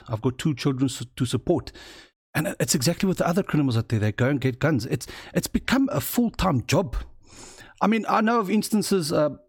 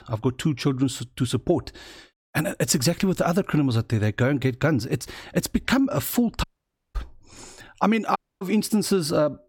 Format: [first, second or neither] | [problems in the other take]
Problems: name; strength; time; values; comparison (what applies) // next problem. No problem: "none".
first | audio cutting out; at 6.5 s for 0.5 s and at 8 s